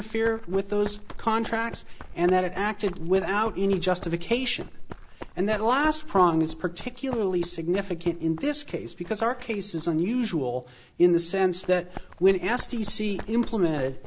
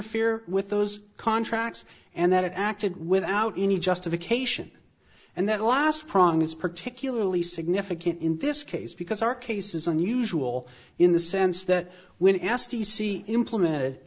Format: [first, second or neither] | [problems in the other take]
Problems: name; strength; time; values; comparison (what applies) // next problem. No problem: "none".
second | background sound (Run); 10 dB below the speech